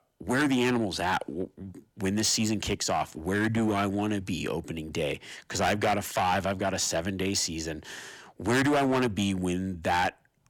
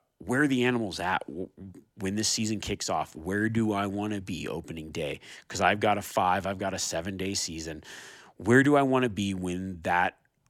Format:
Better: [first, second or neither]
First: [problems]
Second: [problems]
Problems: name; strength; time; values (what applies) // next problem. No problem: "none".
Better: second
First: distortion; heavy; 9% of the sound clipped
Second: none